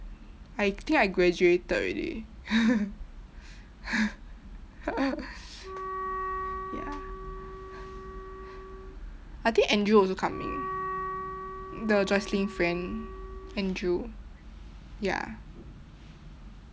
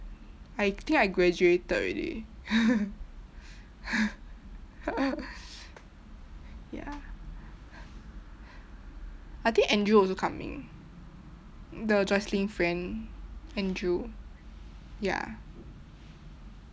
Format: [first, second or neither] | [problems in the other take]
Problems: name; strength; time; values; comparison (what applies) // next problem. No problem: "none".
second | background sound (Wind instrument, woodwind instrument); 8 dB below the speech